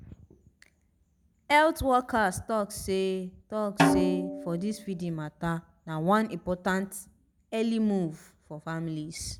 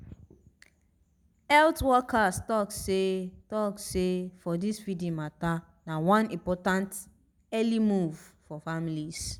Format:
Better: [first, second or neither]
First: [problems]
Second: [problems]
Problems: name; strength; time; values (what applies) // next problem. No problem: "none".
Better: second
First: background sound (Snare drum); 1 dB below the speech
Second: none